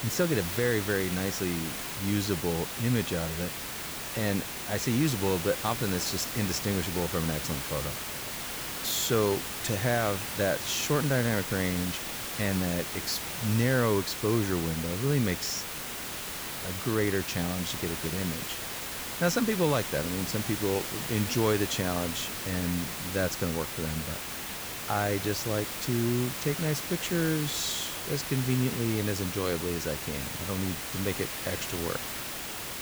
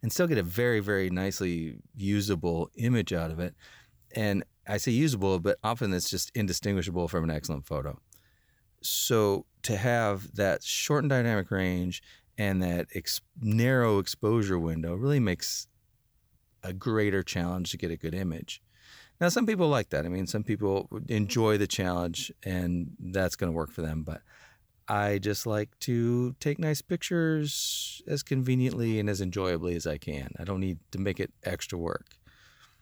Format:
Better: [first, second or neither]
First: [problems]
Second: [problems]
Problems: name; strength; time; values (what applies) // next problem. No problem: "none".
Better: second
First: hiss; loud; throughout; 3 dB below the speech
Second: none